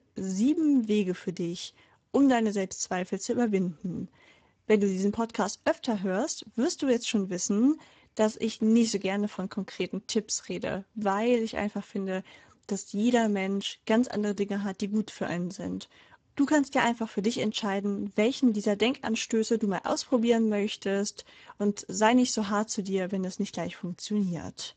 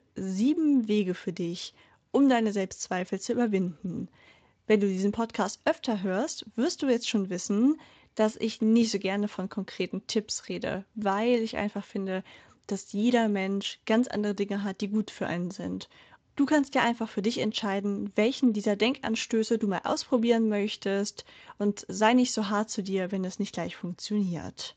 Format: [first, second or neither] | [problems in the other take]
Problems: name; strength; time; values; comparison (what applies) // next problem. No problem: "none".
second | garbled, watery; badly; nothing above 7.5 kHz; slightly in the second